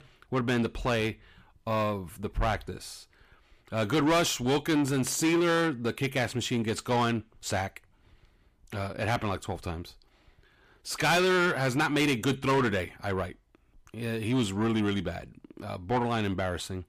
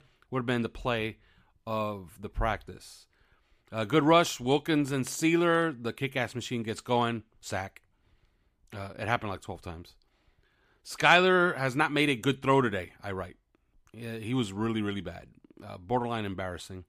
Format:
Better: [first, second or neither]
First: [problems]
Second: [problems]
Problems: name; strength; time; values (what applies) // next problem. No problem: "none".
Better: second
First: distortion; heavy; 6 dB below the speech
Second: none